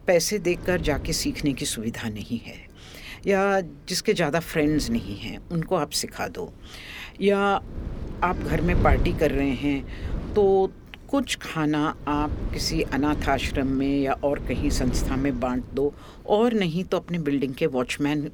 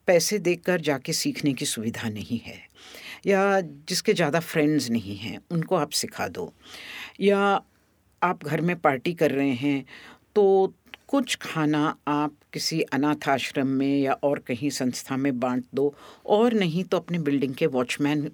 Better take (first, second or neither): second